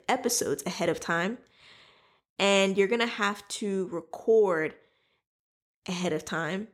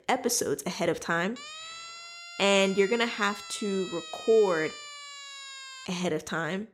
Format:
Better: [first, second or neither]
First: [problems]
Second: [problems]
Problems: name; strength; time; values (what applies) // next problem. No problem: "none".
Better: first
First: none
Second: siren; faint; from 1.5 to 6 s; peak 10 dB below the speech